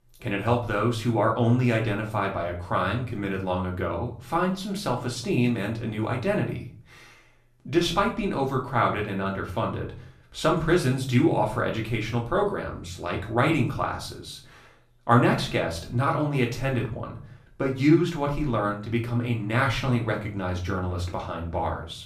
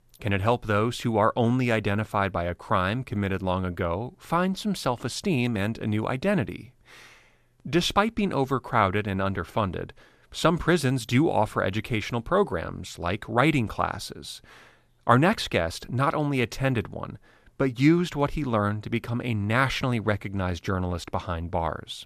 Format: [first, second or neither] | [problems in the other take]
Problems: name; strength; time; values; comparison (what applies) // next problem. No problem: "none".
second | room echo; slight; dies away in 0.4 s // off-mic speech; far